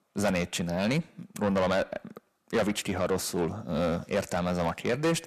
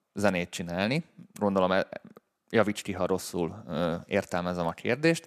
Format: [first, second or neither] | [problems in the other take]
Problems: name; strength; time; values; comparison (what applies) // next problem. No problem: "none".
second | distortion; heavy; 6 dB below the speech